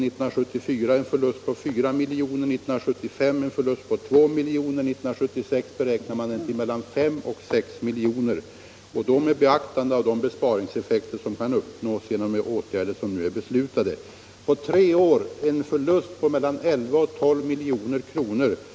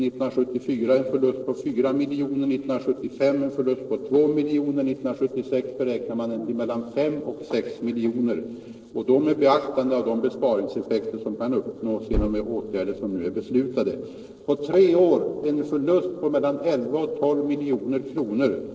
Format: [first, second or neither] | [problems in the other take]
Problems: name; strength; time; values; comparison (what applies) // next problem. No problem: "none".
first | noise reduction (neural separator model SepFormer DNS4)